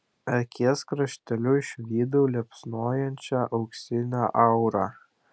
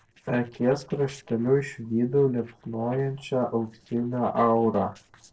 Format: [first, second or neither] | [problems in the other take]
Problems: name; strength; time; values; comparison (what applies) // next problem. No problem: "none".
first | noise reduction (neural separator model SepFormer DNS4)